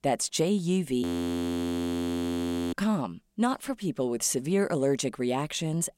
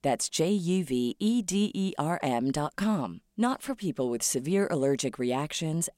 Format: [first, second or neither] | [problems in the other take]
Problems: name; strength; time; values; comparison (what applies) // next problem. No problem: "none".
second | audio freezing; at 1 s for 1.5 s